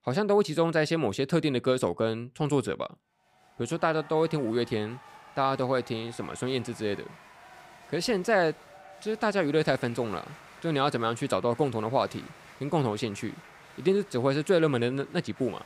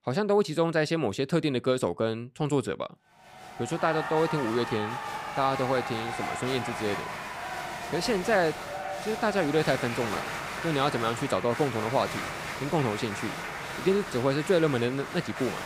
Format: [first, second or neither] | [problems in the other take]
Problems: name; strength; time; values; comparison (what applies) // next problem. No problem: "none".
first | crowd noise; loud; from 3.5 s on; 6 dB below the speech; faint in the first